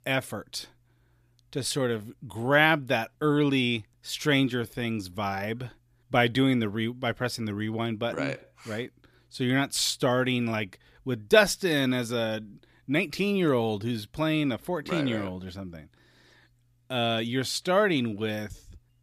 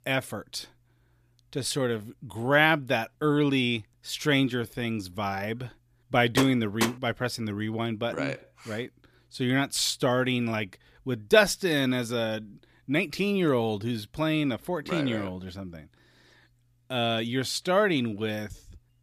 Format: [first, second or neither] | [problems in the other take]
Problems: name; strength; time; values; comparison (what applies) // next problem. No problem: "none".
first | door banging; noticeable; at 6.5 s; peak 4 dB below the speech